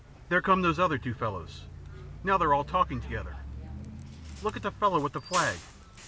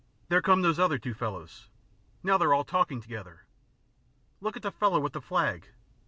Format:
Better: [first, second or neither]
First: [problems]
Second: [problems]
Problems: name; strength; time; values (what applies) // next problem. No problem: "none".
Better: second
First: background sound (Bus); 12 dB below the speech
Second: none